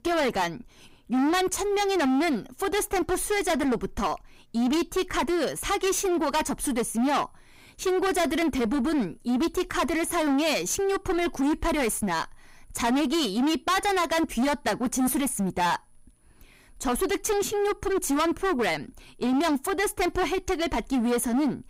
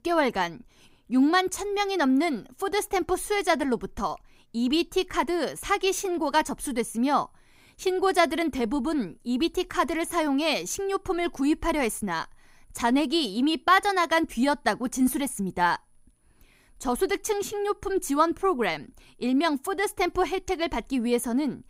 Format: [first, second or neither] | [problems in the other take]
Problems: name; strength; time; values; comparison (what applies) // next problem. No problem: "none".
second | distortion; heavy; 21% of the sound clipped